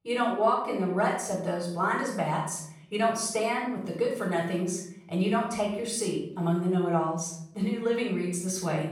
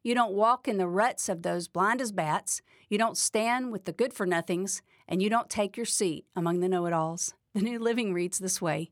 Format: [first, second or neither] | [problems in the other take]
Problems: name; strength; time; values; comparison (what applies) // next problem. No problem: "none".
second | room echo; noticeable; dies away in 0.7 s // off-mic speech; far